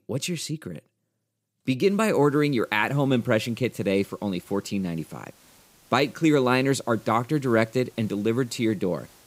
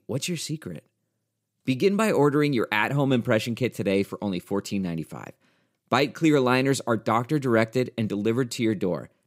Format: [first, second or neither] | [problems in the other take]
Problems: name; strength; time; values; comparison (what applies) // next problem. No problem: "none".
second | hiss; faint; from 2 s on; 30 dB below the speech